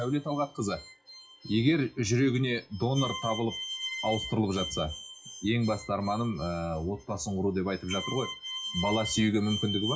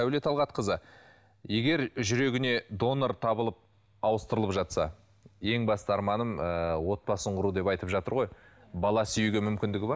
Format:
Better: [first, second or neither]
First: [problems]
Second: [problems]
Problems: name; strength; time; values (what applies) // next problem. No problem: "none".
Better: second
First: noise reduction (classical method WPE with log-MMSE)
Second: none